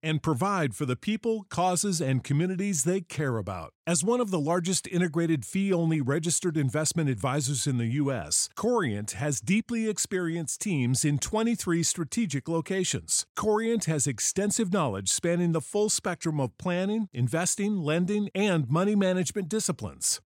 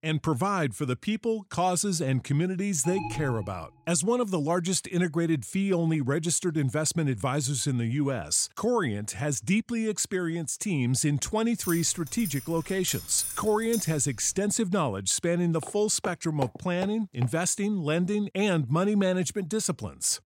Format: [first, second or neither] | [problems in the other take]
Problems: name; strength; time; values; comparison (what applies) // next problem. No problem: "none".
first | alarm; noticeable; at 3 s; peak 8 dB below the speech // jangling keys; noticeable; from 12 to 14 s; peak 5 dB below the speech // footsteps; faint; from 16 to 17 s; peak 10 dB below the speech